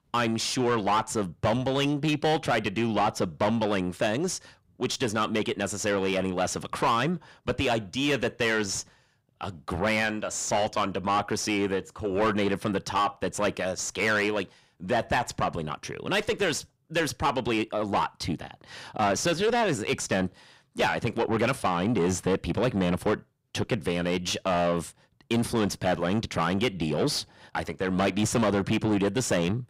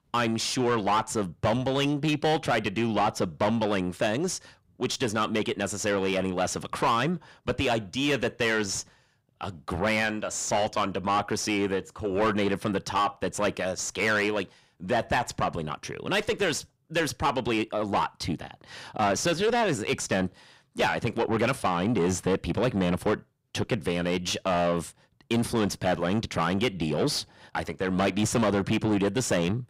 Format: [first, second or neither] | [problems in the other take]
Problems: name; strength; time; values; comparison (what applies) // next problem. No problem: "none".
neither | distortion; heavy; 7 dB below the speech; the same in both